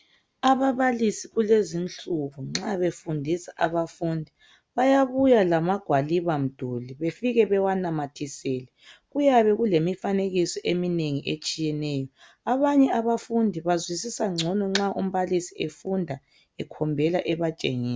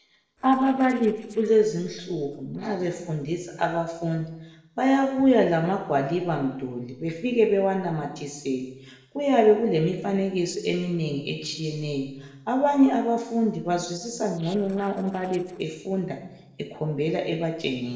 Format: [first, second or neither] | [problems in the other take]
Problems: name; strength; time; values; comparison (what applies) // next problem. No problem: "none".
first | noise reduction (neural separator model SepFormer DNS4)